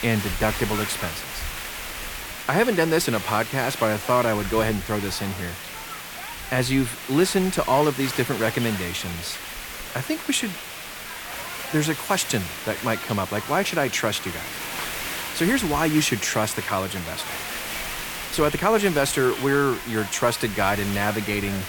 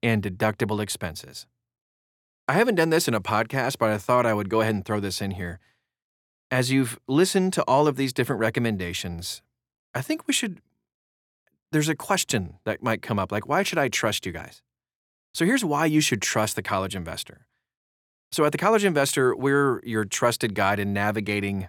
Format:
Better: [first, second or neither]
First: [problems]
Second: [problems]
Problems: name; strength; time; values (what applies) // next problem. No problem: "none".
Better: second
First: hiss; loud; throughout; 7 dB below the speech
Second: none